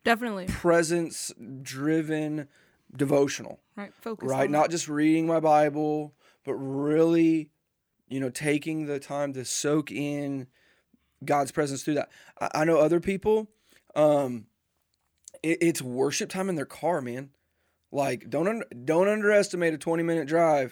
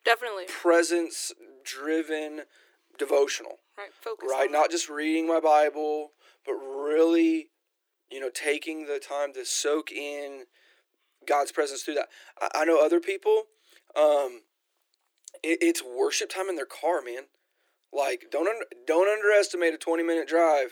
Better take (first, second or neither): first